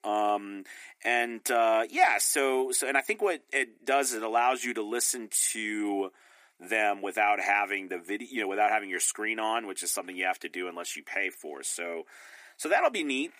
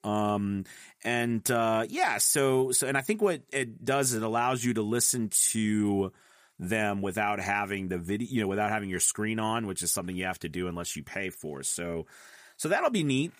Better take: second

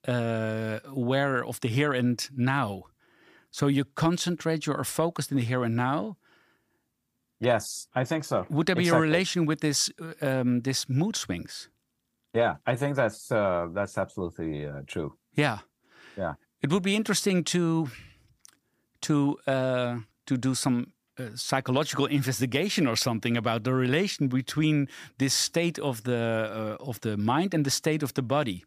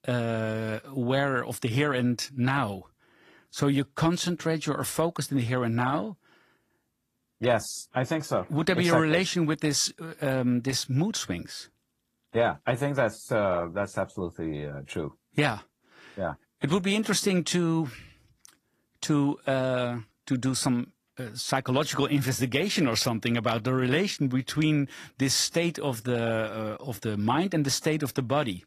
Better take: first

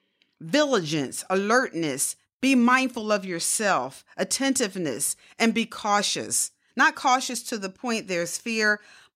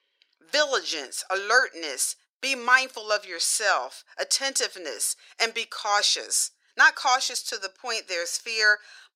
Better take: first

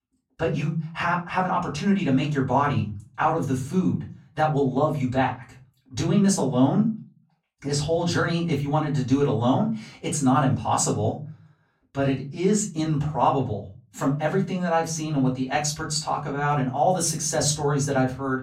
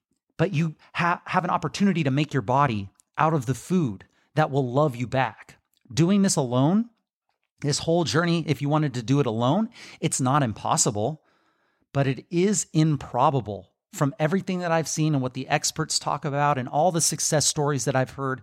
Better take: second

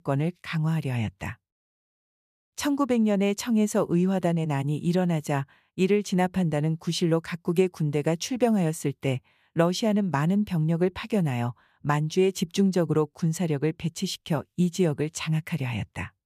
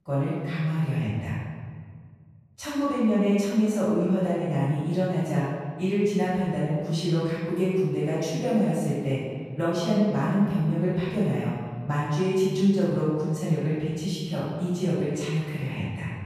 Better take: first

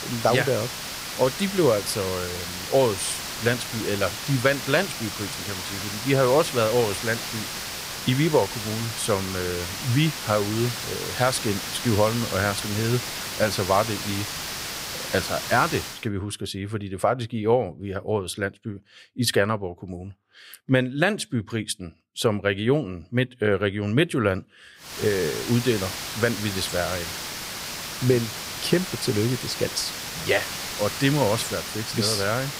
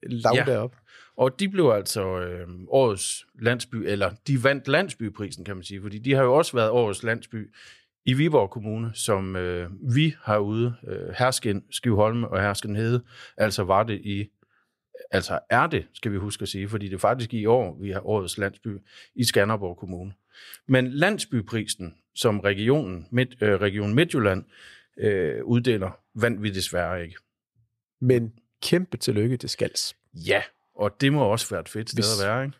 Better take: second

